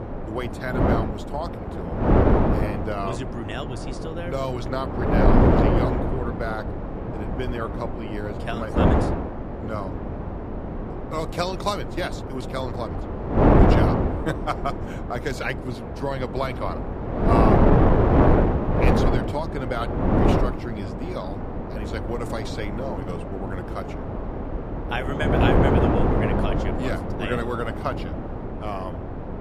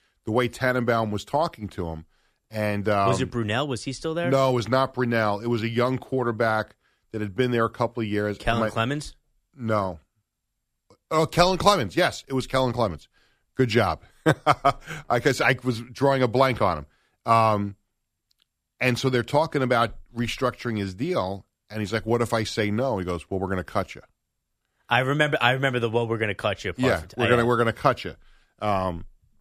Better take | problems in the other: second | wind noise on the microphone; heavy; 3 dB above the speech

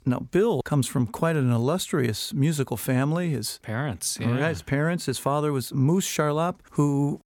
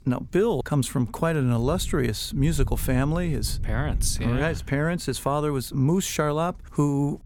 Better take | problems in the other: first | wind noise on the microphone; occasional gusts; 25 dB below the speech

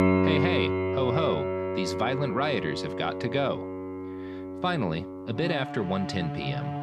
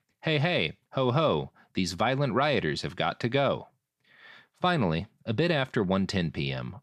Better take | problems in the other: second | background music; loud; throughout; 1 dB below the speech

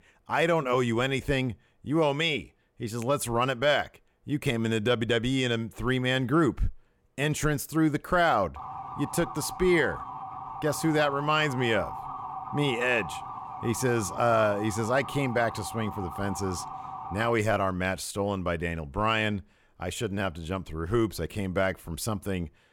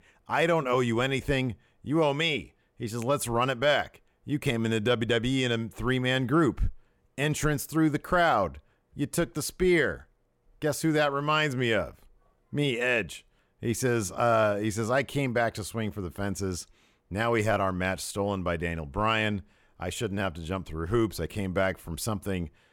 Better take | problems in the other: second | siren; noticeable; from 8.5 to 17 s; peak 9 dB below the speech

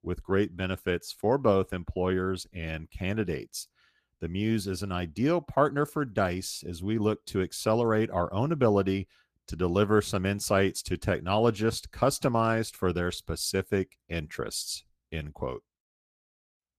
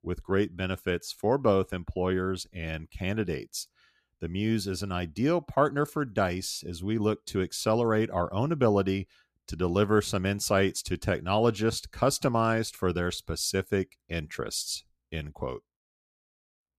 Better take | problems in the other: second | garbled, watery; slightly; nothing above 14.5 kHz

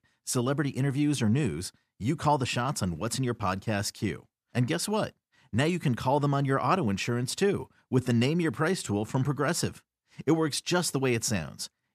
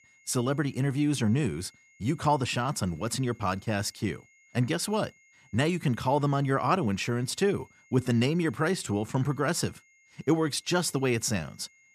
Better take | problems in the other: first | high-pitched whine; faint; throughout; 2 kHz, 30 dB below the speech

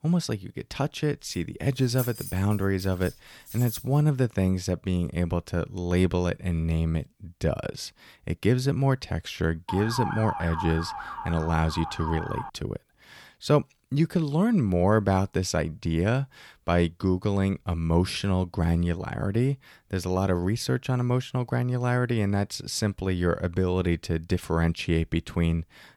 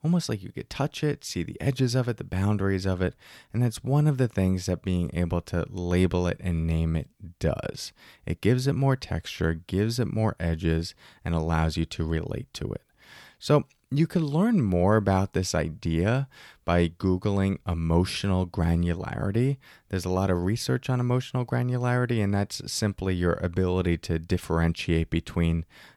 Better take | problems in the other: second | jangling keys; noticeable; from 1.5 to 4 s; peak 8 dB below the speech // siren; noticeable; from 9.5 to 13 s; peak 4 dB below the speech

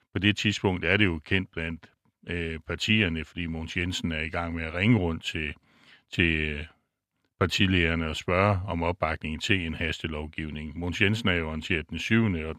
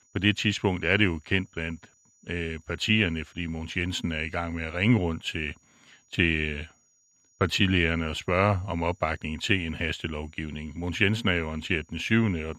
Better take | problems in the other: first | high-pitched whine; faint; throughout; 6.5 kHz, 35 dB below the speech

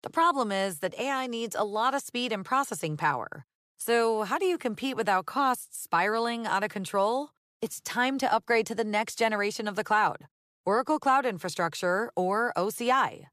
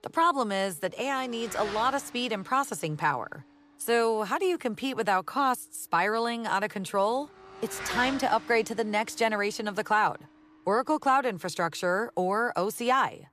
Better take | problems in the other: first | traffic noise; noticeable; throughout; 15 dB below the speech

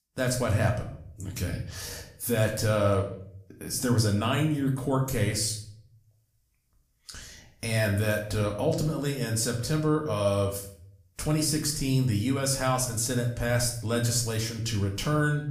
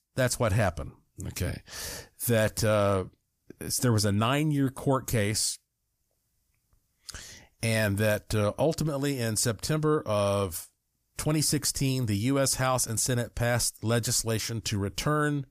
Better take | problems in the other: second | room echo; slight; dies away in 0.5 s // off-mic speech; somewhat distant

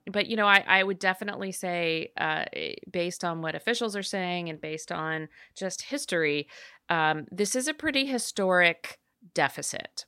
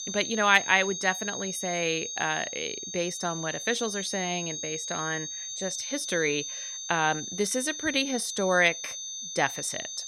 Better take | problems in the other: first | high-pitched whine; loud; throughout; 6.5 kHz, 6 dB below the speech

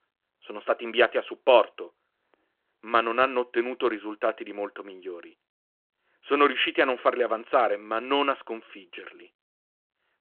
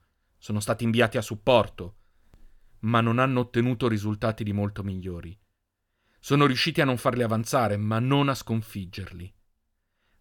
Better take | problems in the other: second | phone-call audio

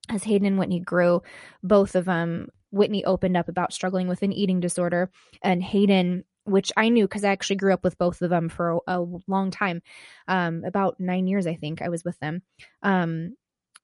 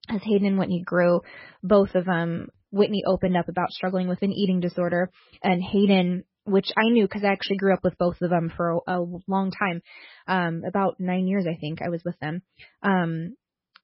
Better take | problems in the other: first | garbled, watery; badly; nothing above 5.5 kHz; slightly in the first

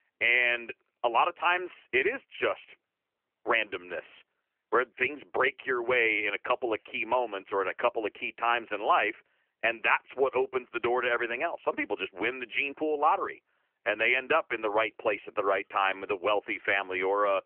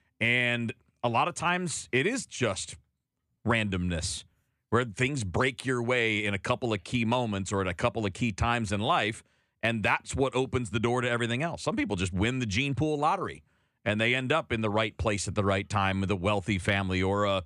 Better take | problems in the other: second | phone-call audio; nothing above 3 kHz

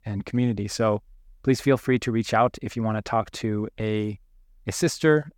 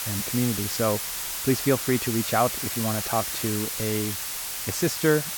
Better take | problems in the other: first | hiss; loud; throughout; 2 dB below the speech

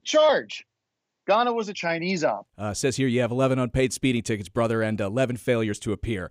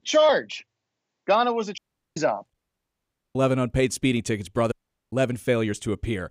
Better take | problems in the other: first | audio cutting out; at 2 s, at 2.5 s for 1 s and at 4.5 s

